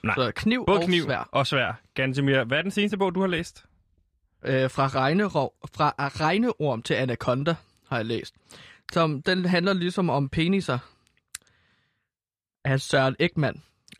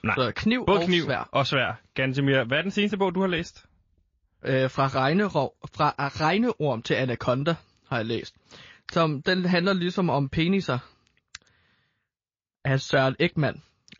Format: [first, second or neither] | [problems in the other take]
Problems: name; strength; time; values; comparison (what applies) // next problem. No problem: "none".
first | garbled, watery; slightly; nothing above 7 kHz